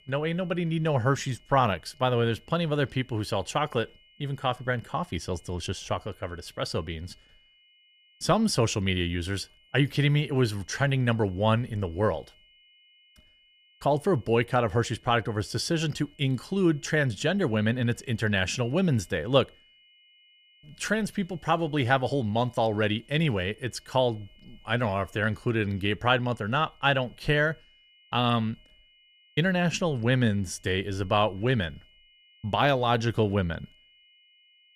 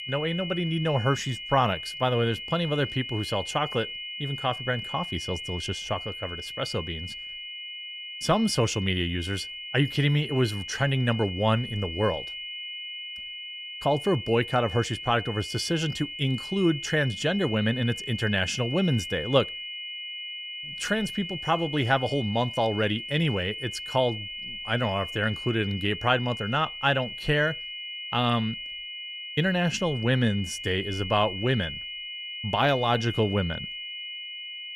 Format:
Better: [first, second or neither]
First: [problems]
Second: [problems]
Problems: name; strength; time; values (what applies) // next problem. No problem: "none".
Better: first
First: high-pitched whine; faint; throughout; 3 kHz, 30 dB below the speech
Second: high-pitched whine; loud; throughout; 3 kHz, 8 dB below the speech